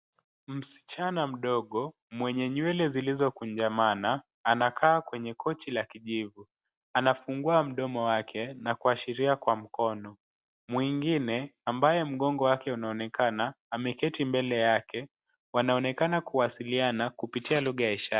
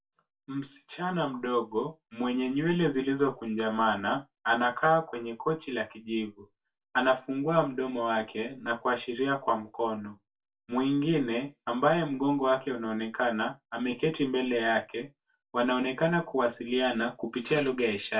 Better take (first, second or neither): first